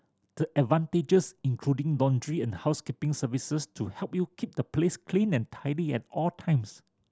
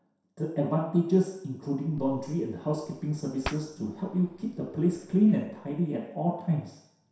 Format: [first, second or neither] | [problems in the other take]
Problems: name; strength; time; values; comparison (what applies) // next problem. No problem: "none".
first | background sound (Hands); 17 dB below the speech // room echo; dies away in 0.7 s